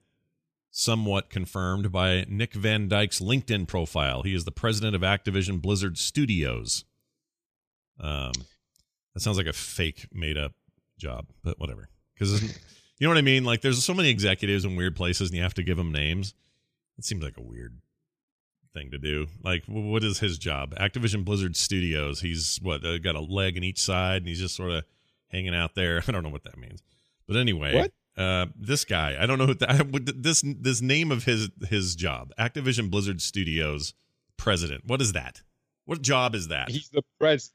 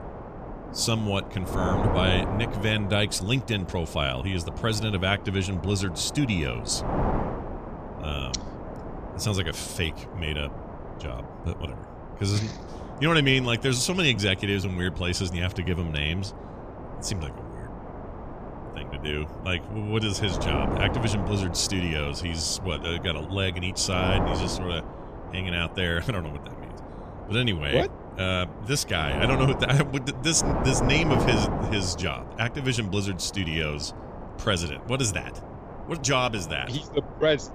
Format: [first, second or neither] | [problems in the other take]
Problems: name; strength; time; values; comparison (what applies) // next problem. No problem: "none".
first | wind noise on the microphone; heavy; 8 dB below the speech